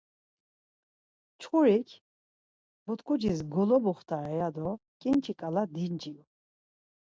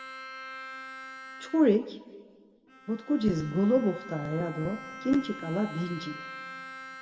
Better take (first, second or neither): first